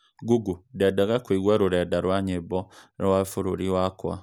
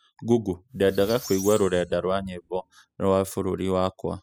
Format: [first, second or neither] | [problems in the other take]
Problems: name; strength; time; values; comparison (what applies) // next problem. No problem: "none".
first | noise reduction (classical method spectral subtraction)